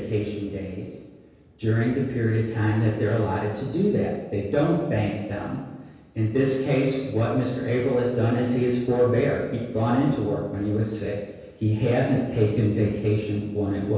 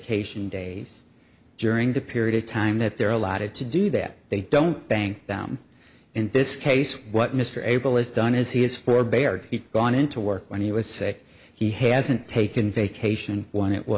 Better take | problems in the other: second | room echo; dies away in 1.2 s

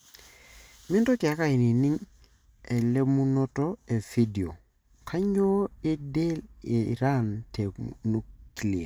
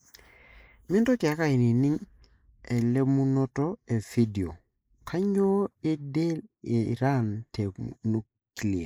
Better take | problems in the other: first | noise reduction (neural mask model Resemble Enhance denoiser)

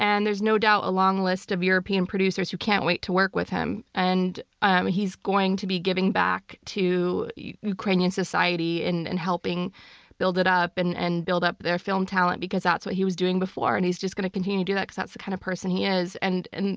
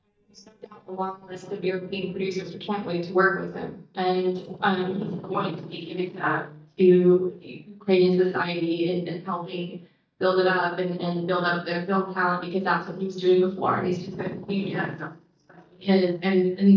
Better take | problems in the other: first | noise reduction (neural mask model DeepFilterNet 3)

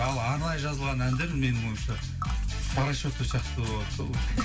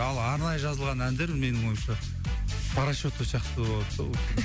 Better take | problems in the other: second | background sound (Tick); 17 dB below the speech // room echo; dies away in 0.2 s

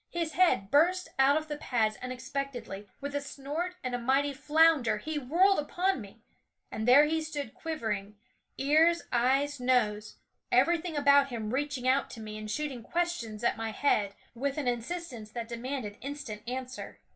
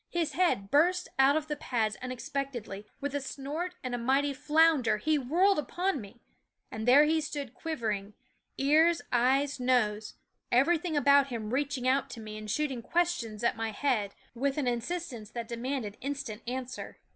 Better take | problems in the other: second | room echo; dies away in 0.2 s

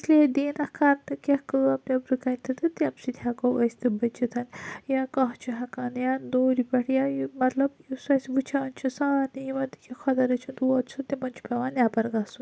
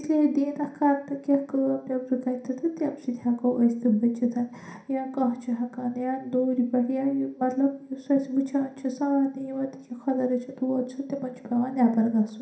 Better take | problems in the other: first | room echo; dies away in 0.5 s

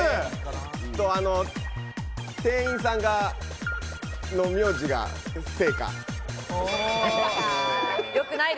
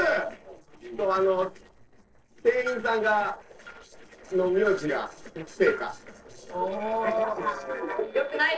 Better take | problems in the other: first | noise reduction (neural separator model SepFormer DNS4)

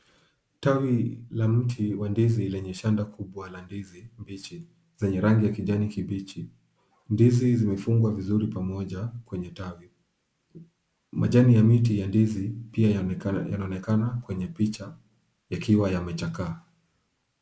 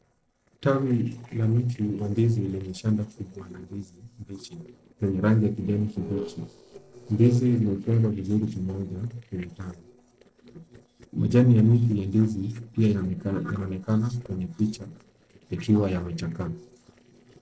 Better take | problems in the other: first | noise reduction (neural separator model SepFormer DNS4)

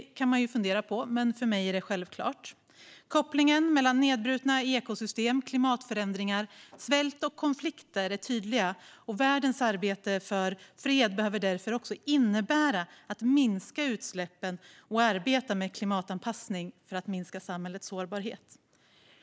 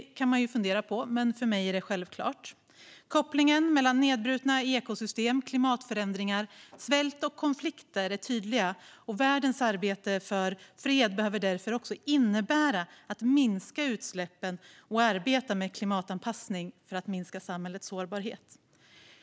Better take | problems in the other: second | noise reduction (neural mask model Resemble Enhance denoiser)

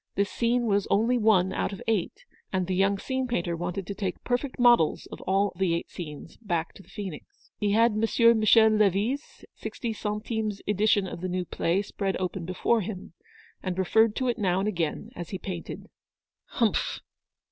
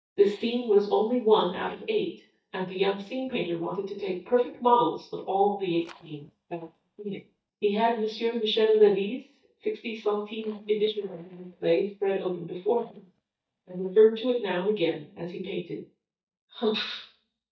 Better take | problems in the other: first | noise reduction (neural mask model DeepFilterNet 3)

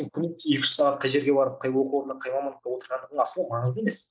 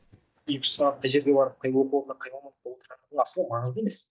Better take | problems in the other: first | noise reduction (neural mask model DeepFilterNet 3)

